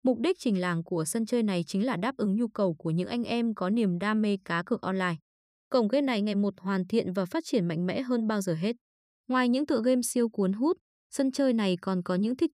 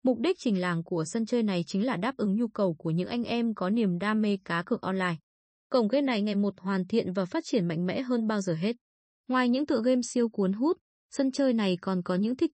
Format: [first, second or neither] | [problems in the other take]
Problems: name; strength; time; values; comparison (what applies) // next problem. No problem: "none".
first | garbled, watery; slightly; nothing above 8 kHz